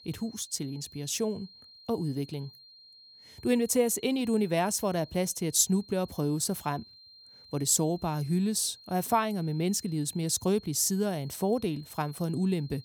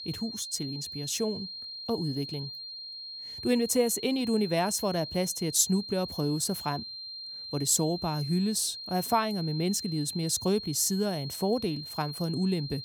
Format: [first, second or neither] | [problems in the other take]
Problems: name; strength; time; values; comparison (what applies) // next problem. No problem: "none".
first | high-pitched whine; loud; throughout; 4 kHz, 9 dB below the speech; faint in the first